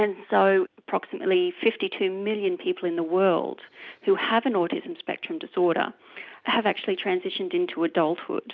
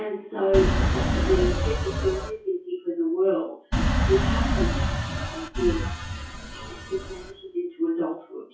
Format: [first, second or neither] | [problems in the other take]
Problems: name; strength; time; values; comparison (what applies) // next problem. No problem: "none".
first | noise reduction (classical method WPE with log-MMSE)